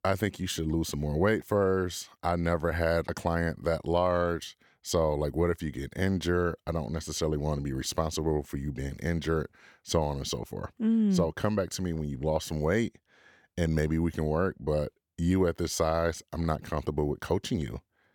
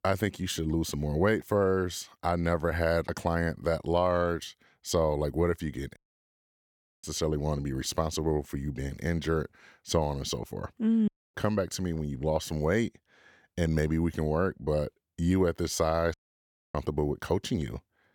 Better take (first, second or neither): first